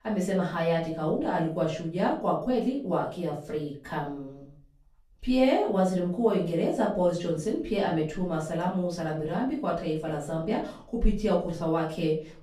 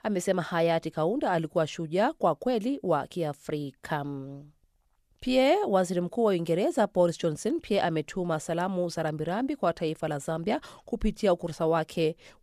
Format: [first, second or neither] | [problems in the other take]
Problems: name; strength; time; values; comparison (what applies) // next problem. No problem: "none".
second | room echo; slight; dies away in 0.4 s // off-mic speech; far